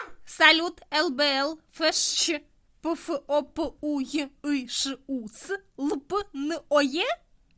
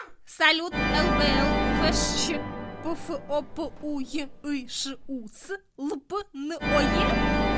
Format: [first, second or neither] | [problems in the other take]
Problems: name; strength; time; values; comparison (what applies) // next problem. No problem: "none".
first | background sound (Organ); 2 dB above the speech